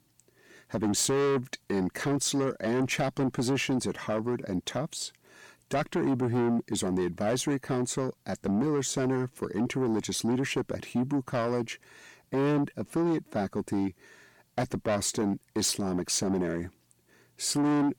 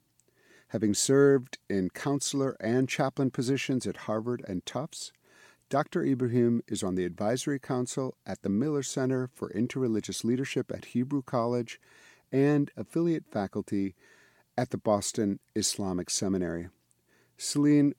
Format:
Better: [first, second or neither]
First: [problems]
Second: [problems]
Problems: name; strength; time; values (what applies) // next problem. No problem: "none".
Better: second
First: distortion; heavy; 7 dB below the speech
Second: none